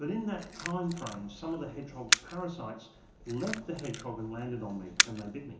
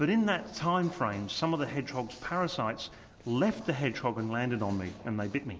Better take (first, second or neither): second